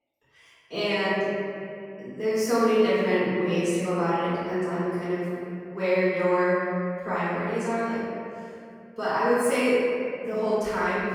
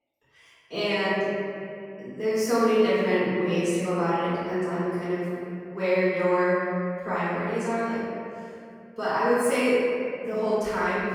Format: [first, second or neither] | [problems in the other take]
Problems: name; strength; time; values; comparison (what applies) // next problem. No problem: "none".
neither | off-mic speech; far; the same in both // room echo; strong; dies away in 2.6 s; the same in both